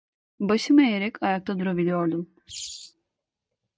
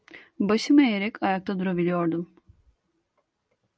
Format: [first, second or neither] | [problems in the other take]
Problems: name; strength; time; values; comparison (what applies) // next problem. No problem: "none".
second | noise reduction (neural mask model DeepFilterNet 3)